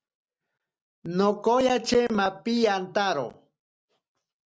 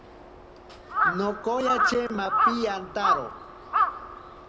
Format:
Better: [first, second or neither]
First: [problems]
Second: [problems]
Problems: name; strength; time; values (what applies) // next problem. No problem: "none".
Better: first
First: none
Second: background sound (Crow); 4 dB above the speech